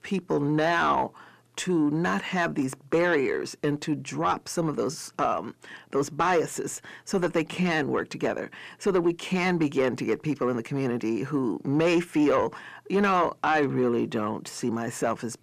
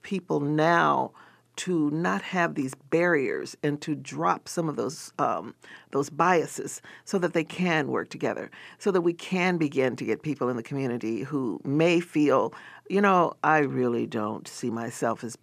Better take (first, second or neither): second